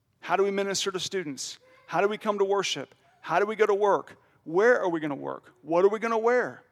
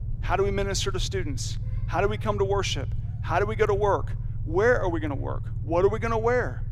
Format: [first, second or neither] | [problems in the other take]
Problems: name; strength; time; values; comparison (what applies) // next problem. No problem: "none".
first | low rumble; faint; throughout; 20 dB below the speech